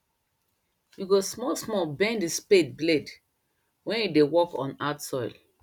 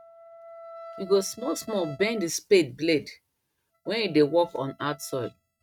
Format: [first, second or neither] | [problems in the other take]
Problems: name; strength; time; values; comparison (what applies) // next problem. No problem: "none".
first | noise reduction (neural mask model RNNoise)